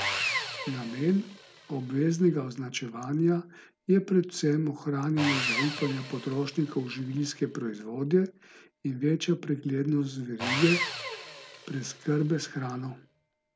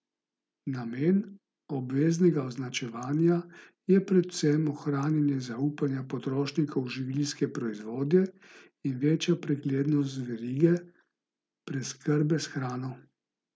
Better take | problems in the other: second | background sound (Sawing); 9 dB below the speech

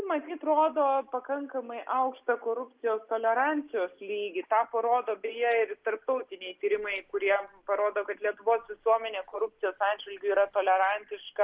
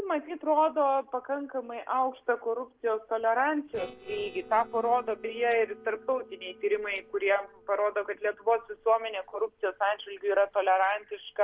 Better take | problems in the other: first | noise reduction (neural separator model SepFormer DNS4)

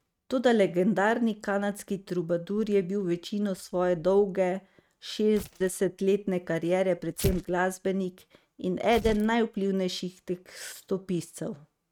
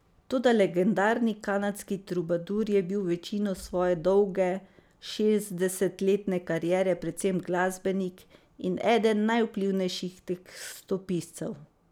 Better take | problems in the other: second | noise reduction (neural mask model RNNoise)

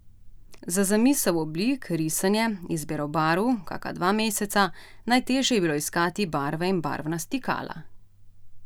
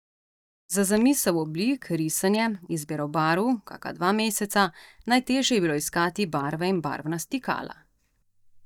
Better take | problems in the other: first | noise reduction (neural mask model DeepFilterNet 3)

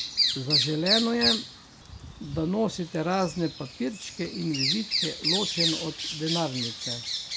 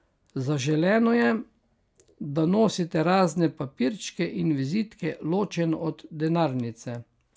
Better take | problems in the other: second | background sound (Bird vocalization, bird call, bird song); as loud as the speech

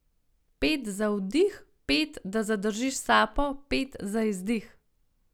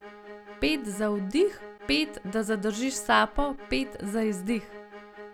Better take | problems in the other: first | background sound (Bowed string instrument); 16 dB below the speech

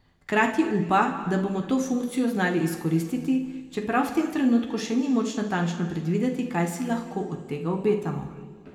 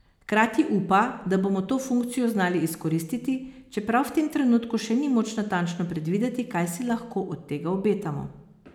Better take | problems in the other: second | room echo; dies away in 1.7 s

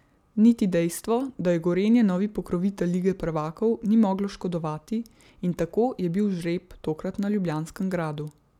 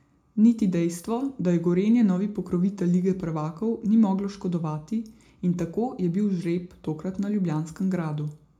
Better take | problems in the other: first | room echo; dies away in 0.3 s

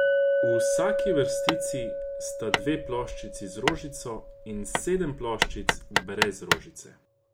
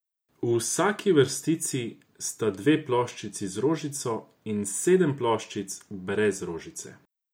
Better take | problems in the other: second | background sound (Chink, clink + Hammer); 4 dB above the speech

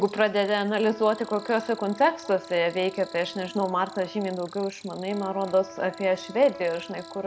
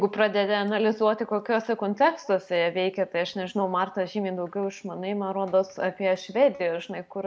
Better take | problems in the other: second | background sound (Cricket + Trumpet); 18 dB below the speech

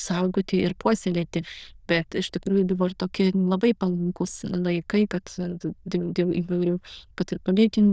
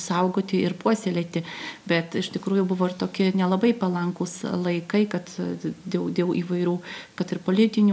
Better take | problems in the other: second | noise reduction (neural diffusion model UNIVERSE++)

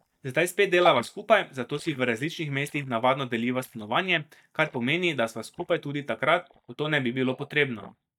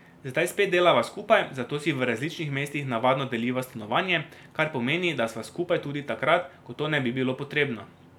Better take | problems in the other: second | noise reduction (neural mask model DeepFilterNet 3)

